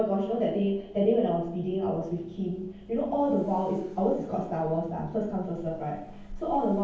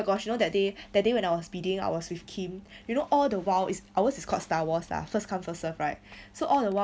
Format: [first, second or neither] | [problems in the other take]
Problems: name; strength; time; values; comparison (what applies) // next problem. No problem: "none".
second | background sound (Accelerating, revving, vroom); 20 dB below the speech // room echo; dies away in 0.9 s